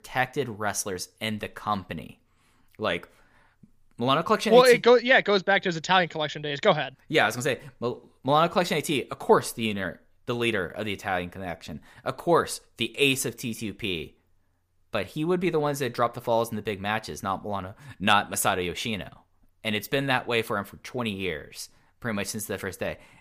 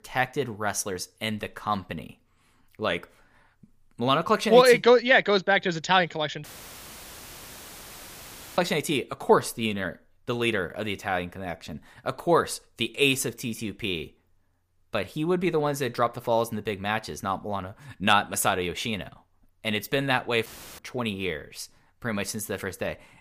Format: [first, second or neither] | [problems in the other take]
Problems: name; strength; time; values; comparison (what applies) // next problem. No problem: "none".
first | audio cutting out; filled with static; at 6.5 s for 2 s and at 20 s